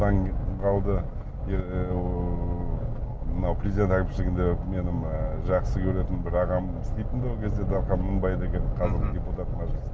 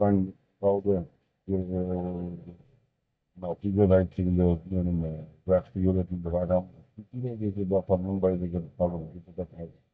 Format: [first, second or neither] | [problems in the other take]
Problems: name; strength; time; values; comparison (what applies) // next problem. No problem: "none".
first | noise reduction (neural mask model DeepFilterNet 3)